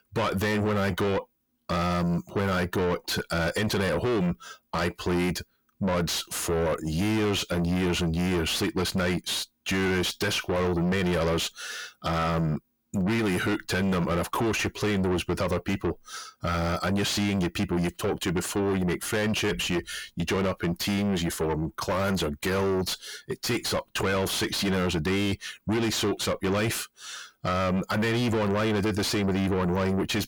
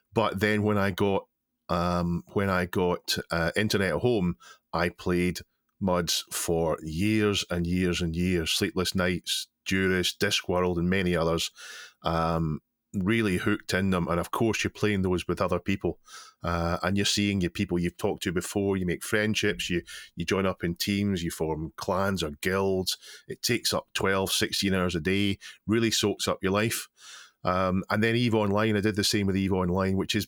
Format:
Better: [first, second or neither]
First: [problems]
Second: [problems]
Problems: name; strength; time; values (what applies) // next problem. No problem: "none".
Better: second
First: distortion; heavy; 7 dB below the speech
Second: none